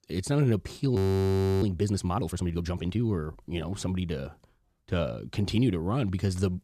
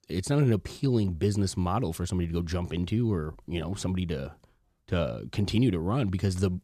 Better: second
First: audio freezing; at 1 s for 0.5 s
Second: none

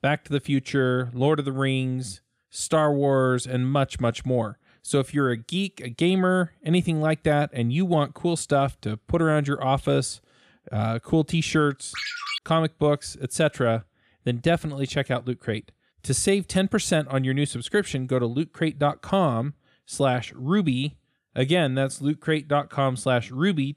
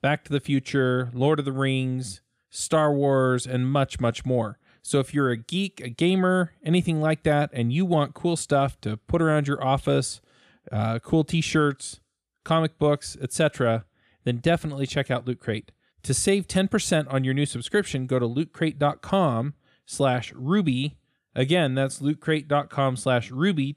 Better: second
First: phone ringing; noticeable; at 12 s; peak 4 dB below the speech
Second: none

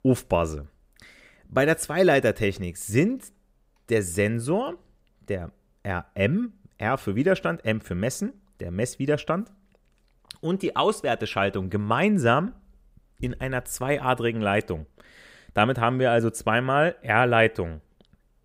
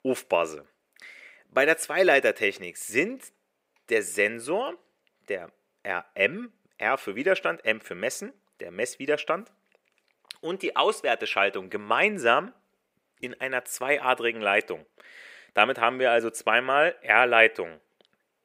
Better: first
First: none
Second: thin; somewhat; fading below 450 Hz

